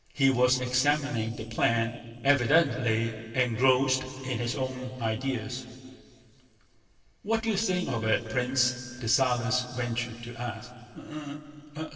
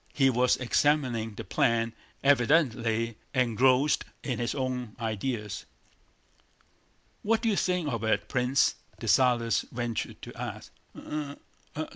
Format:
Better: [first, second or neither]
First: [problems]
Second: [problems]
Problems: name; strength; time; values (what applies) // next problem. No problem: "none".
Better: second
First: noise reduction (neural separator model SepFormer DNS4)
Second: none